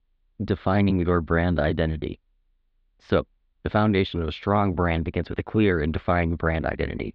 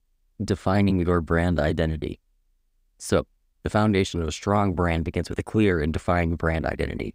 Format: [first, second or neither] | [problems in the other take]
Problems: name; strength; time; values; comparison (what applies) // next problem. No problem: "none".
second | muffled; slightly; fading above 4 kHz